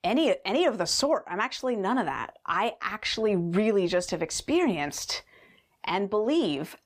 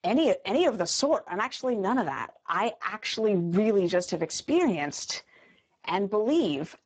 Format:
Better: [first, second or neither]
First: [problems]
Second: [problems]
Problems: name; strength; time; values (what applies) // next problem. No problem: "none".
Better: first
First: none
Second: garbled, watery; badly; nothing above 7.5 kHz